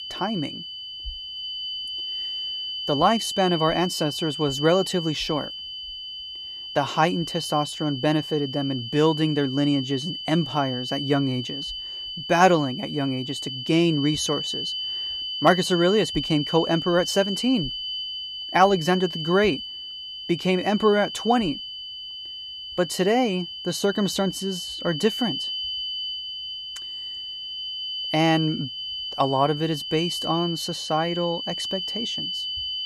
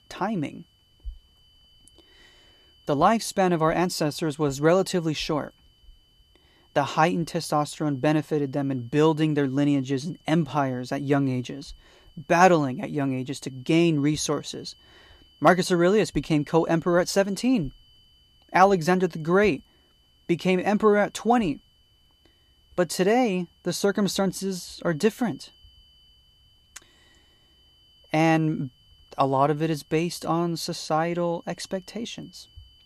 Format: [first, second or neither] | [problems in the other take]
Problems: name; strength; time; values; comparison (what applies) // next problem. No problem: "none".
second | high-pitched whine; loud; throughout; 3 kHz, 6 dB below the speech; faint in the second